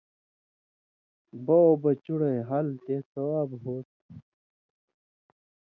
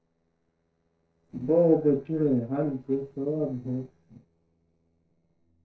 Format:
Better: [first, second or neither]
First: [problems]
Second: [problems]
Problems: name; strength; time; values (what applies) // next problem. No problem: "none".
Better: first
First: none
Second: noise reduction (neural separator model SepFormer DNS4)